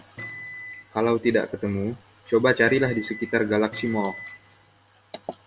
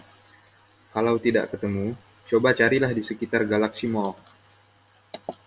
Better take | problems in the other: second | background sound (Microwave oven); 14 dB below the speech

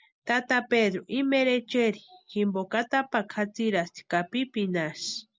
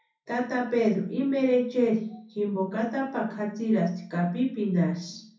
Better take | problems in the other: first | room echo; dies away in 0.6 s

